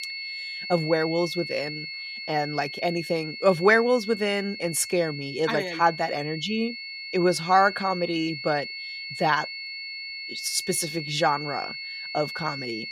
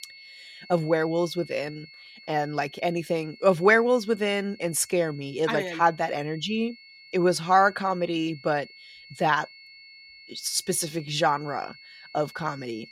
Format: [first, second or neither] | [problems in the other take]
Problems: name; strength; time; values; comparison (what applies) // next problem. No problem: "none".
second | high-pitched whine; loud; throughout; 2 kHz, 8 dB below the speech; faint in the second